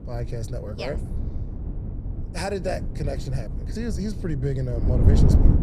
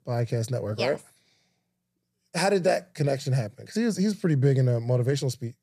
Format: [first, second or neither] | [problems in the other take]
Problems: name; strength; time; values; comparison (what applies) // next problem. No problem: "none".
second | wind noise on the microphone; heavy; 5 dB below the speech